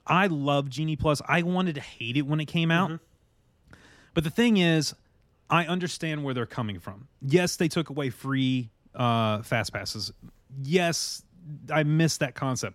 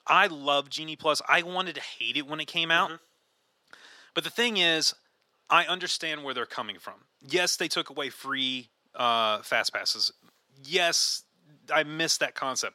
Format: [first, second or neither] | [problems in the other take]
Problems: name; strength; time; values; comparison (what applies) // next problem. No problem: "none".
first | thin; very; fading below 500 Hz